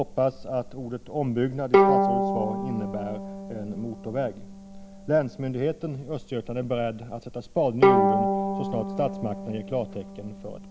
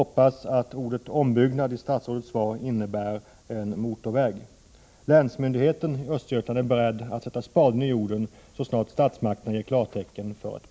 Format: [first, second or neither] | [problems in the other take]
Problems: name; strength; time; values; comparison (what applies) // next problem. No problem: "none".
second | background sound (Bowed string instrument); 2 dB above the speech